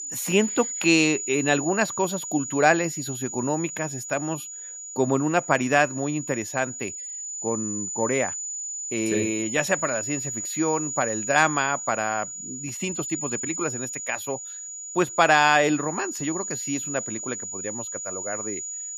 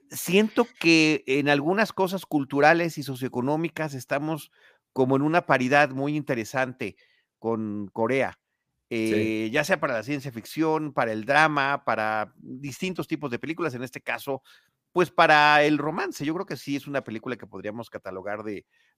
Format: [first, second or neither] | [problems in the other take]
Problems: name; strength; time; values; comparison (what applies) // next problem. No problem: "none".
second | high-pitched whine; loud; throughout; 7 kHz, 6 dB below the speech